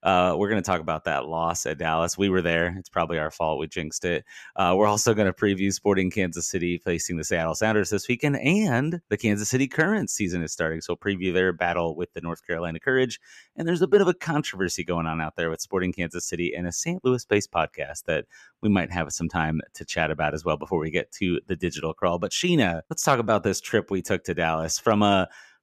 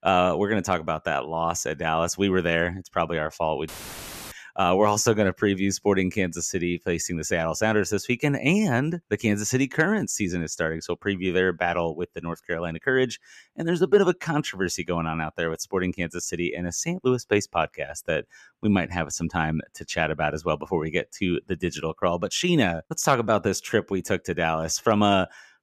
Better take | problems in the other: first | audio cutting out; filled with static; at 3.5 s for 0.5 s

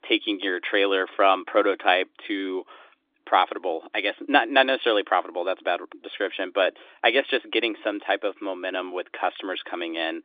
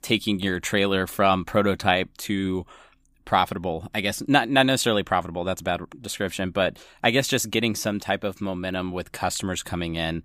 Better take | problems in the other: second | phone-call audio; nothing above 3.5 kHz

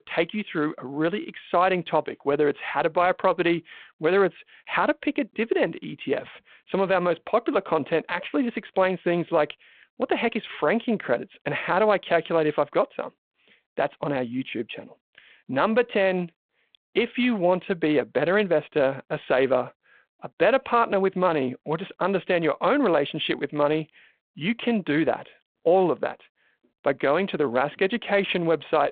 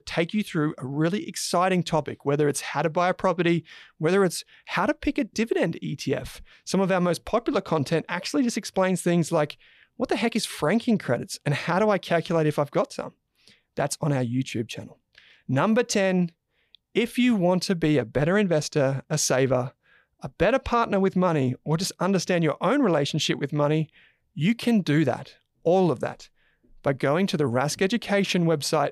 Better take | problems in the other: second | phone-call audio; nothing above 3.5 kHz

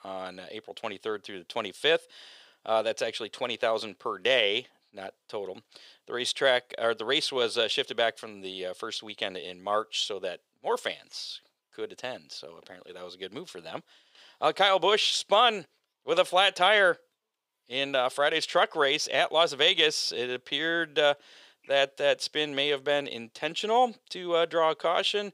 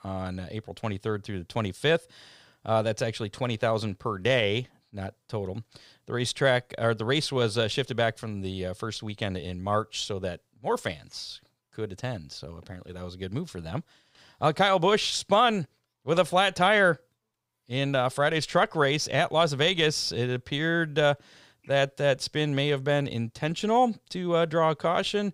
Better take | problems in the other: second | thin; somewhat; fading below 450 Hz

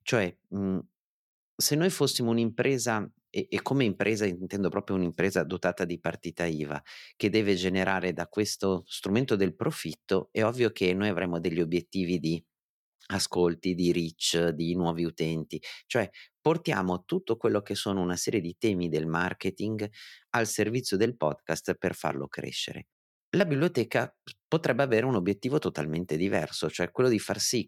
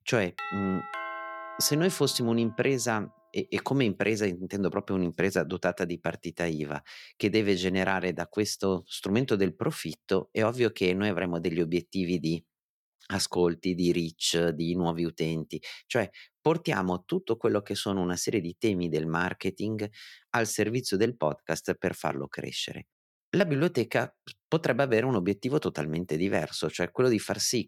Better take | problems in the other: first | doorbell; noticeable; until 2.5 s; peak 7 dB below the speech

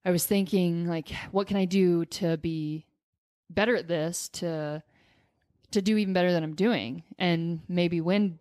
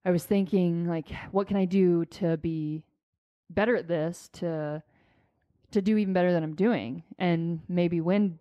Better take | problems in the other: first | muffled; slightly; fading above 3 kHz

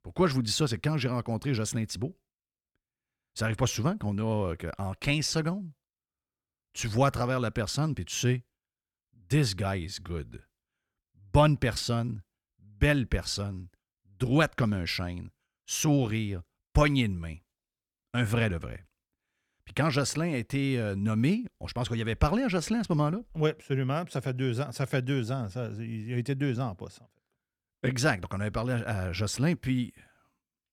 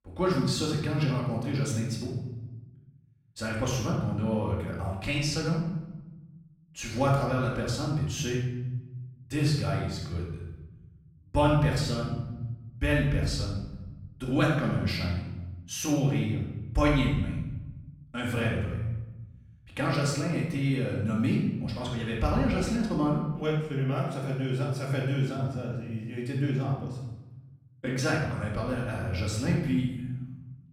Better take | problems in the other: first | off-mic speech; far // room echo; noticeable; dies away in 1.1 s

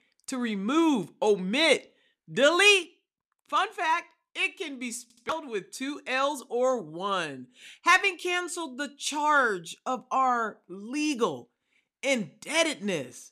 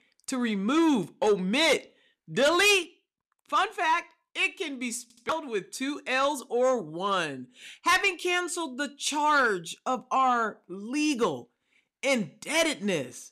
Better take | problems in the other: first | distortion; slight; 10 dB below the speech

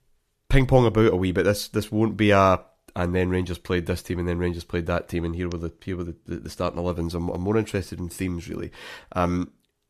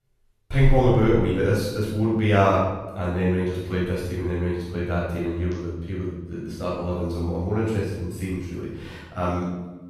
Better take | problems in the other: first | room echo; strong; dies away in 1.1 s // off-mic speech; far

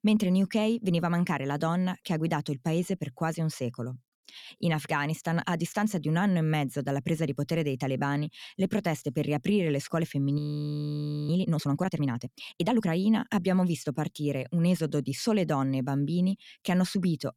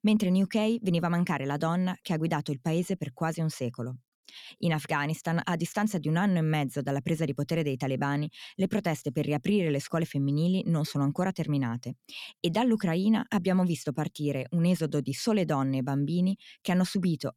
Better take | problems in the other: second | audio freezing; at 10 s for 1 s

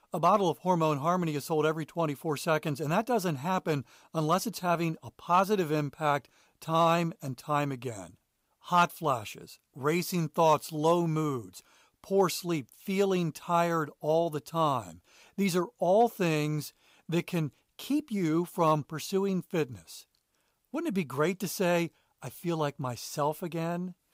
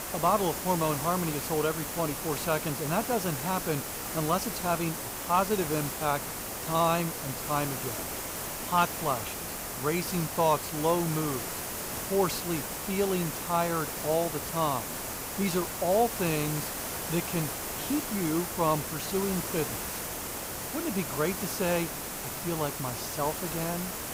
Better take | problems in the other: first | hiss; loud; throughout; 3 dB below the speech

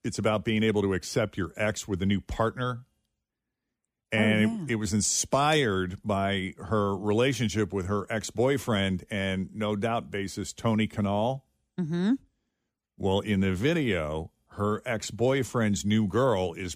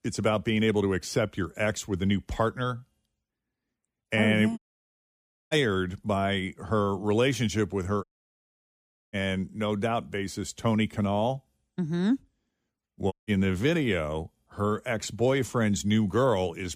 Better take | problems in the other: first | audio cutting out; at 4.5 s for 1 s, at 8 s for 1 s and at 13 s

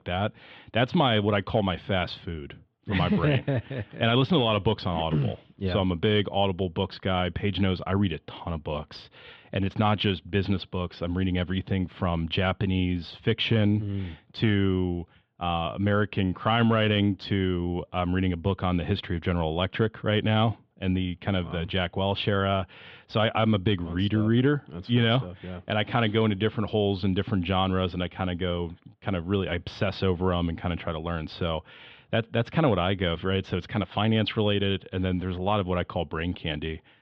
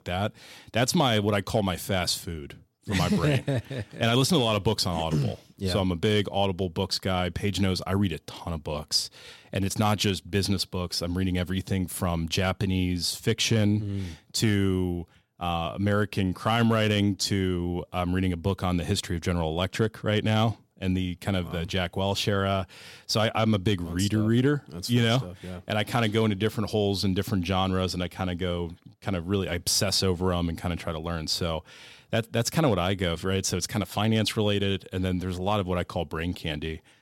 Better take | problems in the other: second | muffled; very; fading above 3.5 kHz

